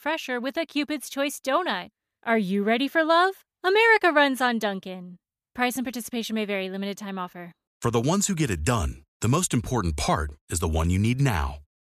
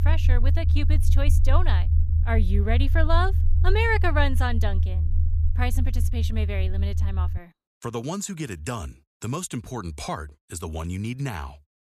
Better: first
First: none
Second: low rumble; noticeable; until 7.5 s; 10 dB below the speech

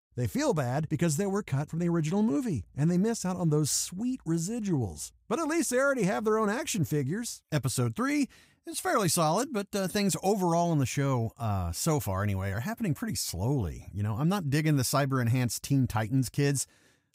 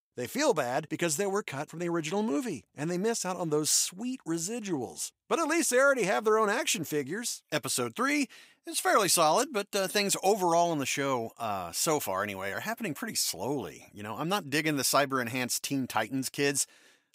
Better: first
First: none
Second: thin; somewhat; fading below 350 Hz

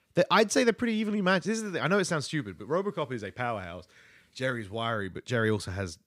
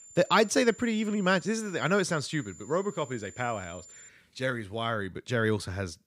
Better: first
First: none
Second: high-pitched whine; noticeable; until 4 s; 7 kHz, 20 dB below the speech

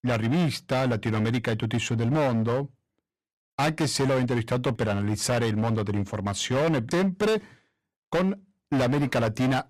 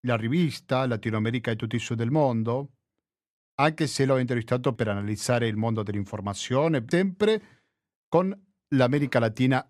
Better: second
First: distortion; heavy; 19% of the sound clipped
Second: none

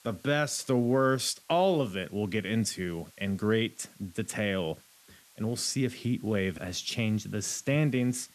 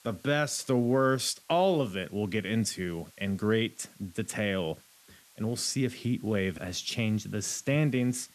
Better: neither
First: hiss; faint; throughout; 25 dB below the speech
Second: hiss; faint; throughout; 25 dB below the speech

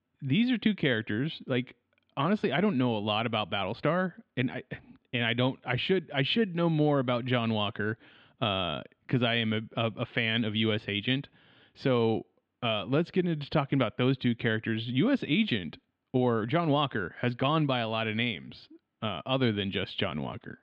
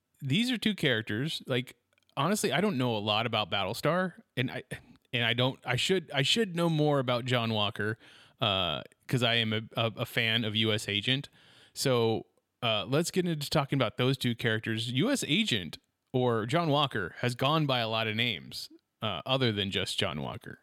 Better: second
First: muffled; slightly; fading above 3 kHz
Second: none

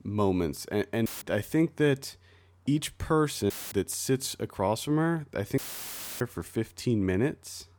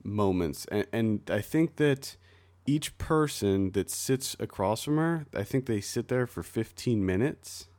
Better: second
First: audio cutting out; filled with static; at 1 s, at 3.5 s and at 5.5 s for 0.5 s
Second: none

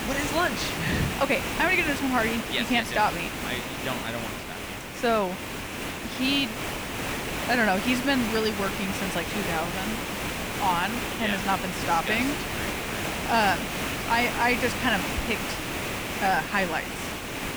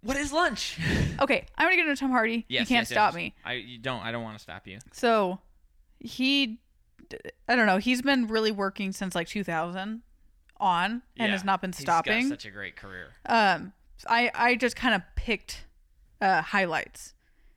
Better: second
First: hiss; loud; throughout; 4 dB below the speech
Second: none

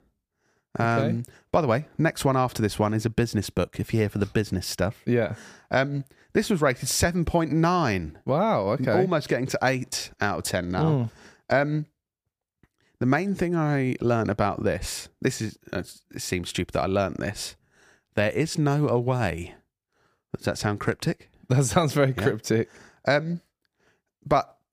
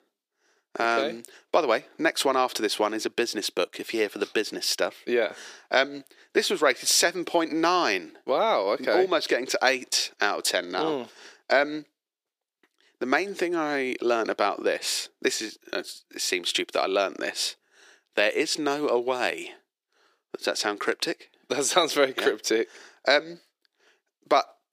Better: first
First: none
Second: thin; somewhat; fading below 350 Hz

